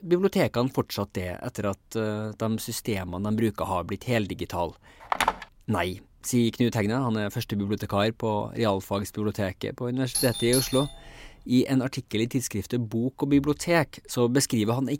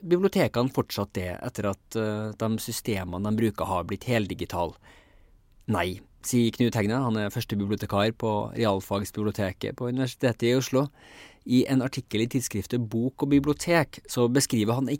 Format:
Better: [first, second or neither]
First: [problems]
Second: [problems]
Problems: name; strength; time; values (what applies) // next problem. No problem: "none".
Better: second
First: phone ringing; loud; at 5 s; peak 1 dB above the speech // doorbell; noticeable; from 10 to 11 s; peak 1 dB below the speech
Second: none